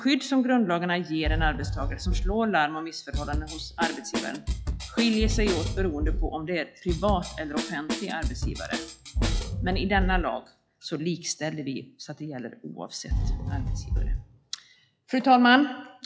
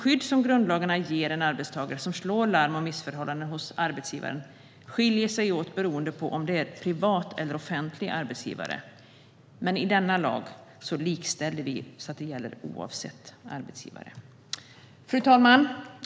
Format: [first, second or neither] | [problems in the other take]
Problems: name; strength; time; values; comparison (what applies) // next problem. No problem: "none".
second | noise reduction (classical method log-MMSE)